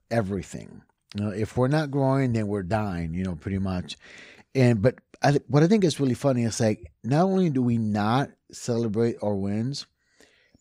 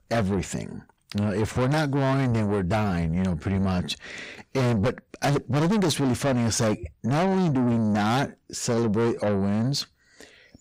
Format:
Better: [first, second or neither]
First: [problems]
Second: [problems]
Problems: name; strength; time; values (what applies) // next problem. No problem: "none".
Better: first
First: none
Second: distortion; heavy; 5 dB below the speech